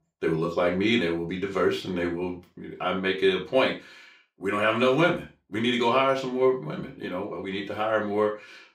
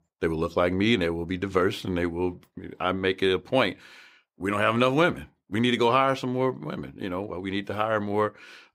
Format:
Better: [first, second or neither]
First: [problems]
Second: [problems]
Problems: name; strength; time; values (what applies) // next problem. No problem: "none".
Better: second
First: room echo; slight; dies away in 0.3 s // off-mic speech; somewhat distant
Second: none